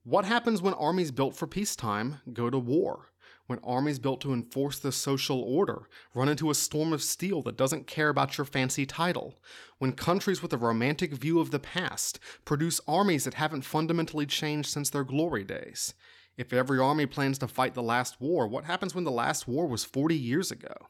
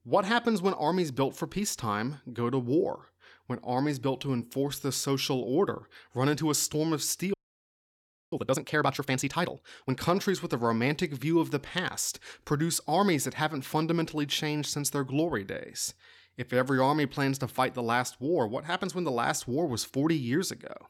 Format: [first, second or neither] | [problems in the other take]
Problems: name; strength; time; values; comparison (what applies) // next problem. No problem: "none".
first | audio freezing; at 7.5 s for 1 s